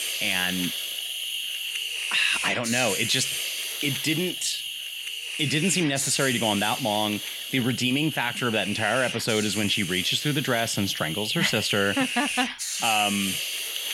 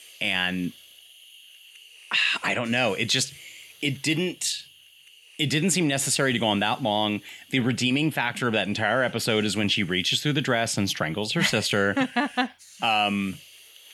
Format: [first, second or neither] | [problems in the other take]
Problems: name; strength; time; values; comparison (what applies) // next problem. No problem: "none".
second | hiss; loud; throughout; 4 dB below the speech; faint in the second